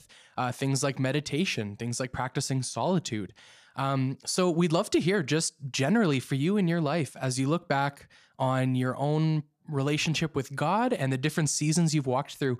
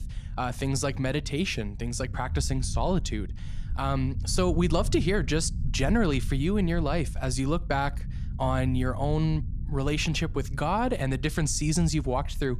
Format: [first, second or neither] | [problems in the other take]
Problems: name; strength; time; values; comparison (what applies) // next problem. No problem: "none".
first | low rumble; noticeable; throughout; 20 dB below the speech